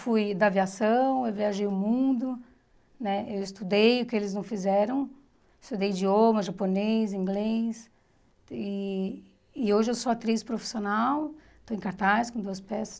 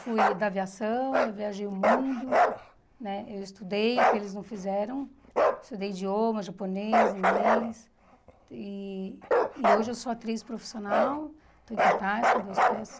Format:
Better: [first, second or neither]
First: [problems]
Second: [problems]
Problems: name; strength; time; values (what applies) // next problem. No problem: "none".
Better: first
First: none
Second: background sound (Bark); 3 dB above the speech